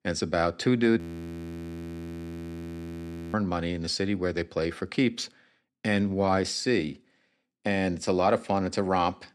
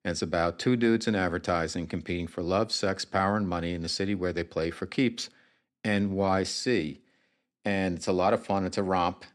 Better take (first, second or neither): second